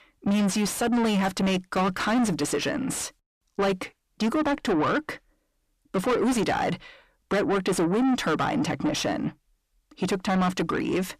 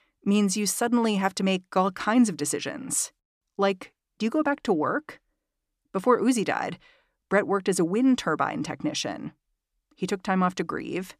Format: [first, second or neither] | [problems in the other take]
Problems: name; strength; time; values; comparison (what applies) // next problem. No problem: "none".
second | distortion; heavy; 5 dB below the speech